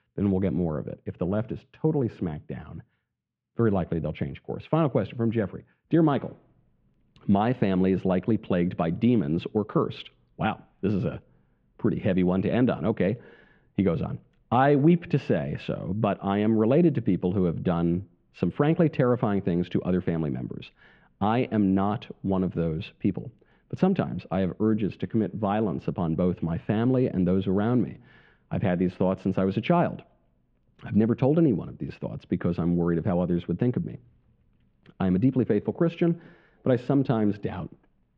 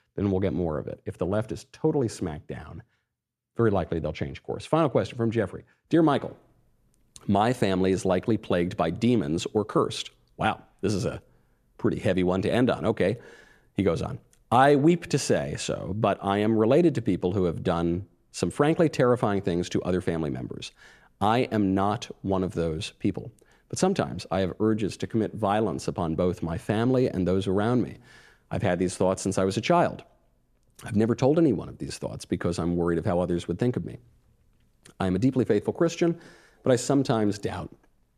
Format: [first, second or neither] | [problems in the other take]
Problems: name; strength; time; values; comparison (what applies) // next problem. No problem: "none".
second | muffled; very; fading above 3 kHz